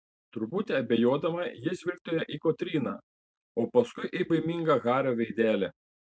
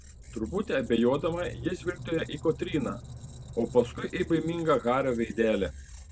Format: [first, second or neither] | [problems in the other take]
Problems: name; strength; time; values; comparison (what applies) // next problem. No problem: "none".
first | background sound (Squeak); 14 dB below the speech